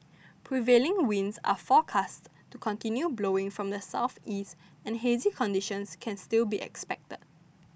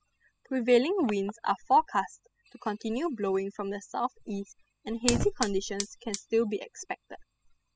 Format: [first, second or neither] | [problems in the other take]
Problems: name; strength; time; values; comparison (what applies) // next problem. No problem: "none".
first | noise reduction (classical method spectral subtraction)